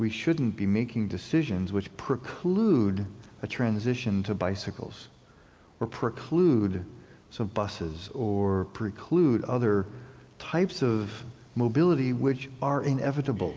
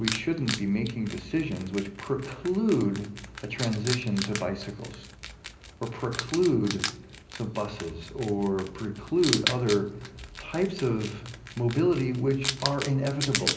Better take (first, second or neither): first